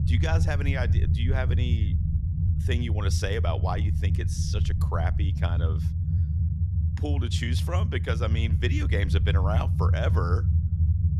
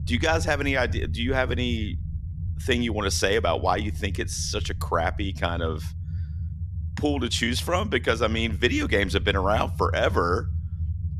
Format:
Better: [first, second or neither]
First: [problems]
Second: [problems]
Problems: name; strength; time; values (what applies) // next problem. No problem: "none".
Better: second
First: low rumble; loud; throughout; 7 dB below the speech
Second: low rumble; faint; throughout; 20 dB below the speech